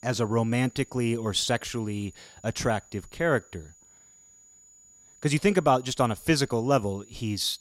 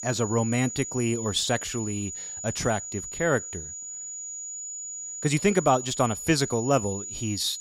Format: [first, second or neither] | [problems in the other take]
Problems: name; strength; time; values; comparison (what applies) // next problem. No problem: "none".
first | high-pitched whine; loud; throughout; 7 kHz, 7 dB below the speech; faint in the first